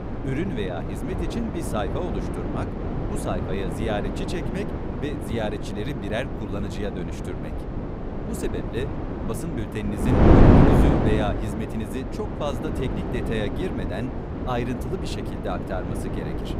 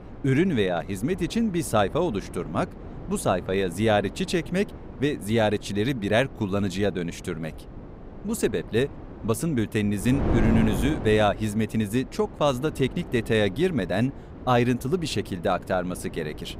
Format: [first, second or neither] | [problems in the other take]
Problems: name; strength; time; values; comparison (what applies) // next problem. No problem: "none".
second | wind noise on the microphone; heavy; 3 dB above the speech; occasional gusts in the second